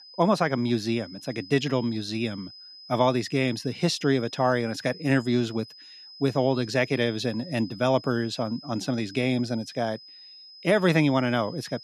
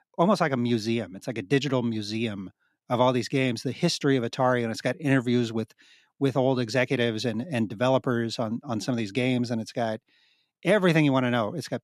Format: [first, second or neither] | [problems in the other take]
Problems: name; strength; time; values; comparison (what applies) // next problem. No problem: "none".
second | high-pitched whine; noticeable; throughout; 5 kHz, 20 dB below the speech